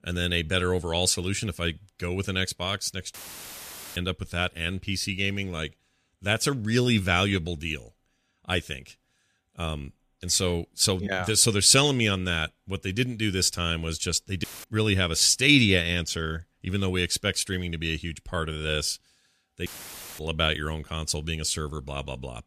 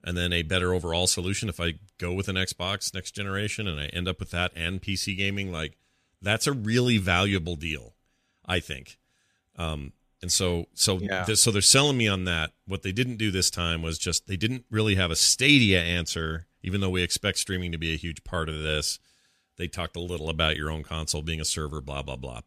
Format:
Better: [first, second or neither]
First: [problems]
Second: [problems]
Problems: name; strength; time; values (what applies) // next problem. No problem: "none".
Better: second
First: audio cutting out; filled with static; at 3 s for 1 s, at 14 s and at 20 s for 0.5 s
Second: none